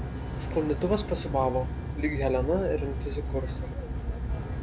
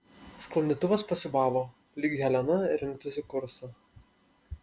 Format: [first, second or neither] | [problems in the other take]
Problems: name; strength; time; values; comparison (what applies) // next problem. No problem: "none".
second | background sound (Aircraft); 2 dB below the speech